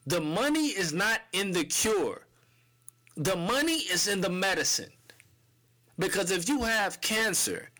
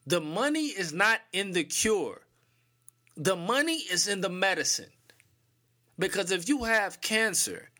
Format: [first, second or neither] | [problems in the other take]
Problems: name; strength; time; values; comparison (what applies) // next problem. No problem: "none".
second | distortion; heavy; 17% of the sound clipped